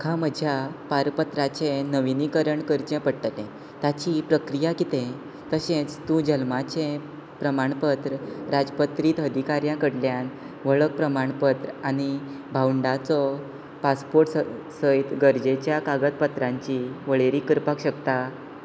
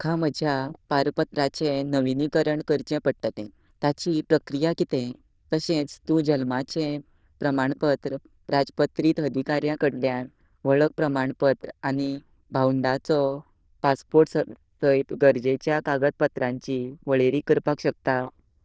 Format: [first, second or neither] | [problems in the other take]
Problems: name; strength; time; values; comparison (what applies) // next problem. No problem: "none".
first | noise reduction (neural diffusion model UNIVERSE++)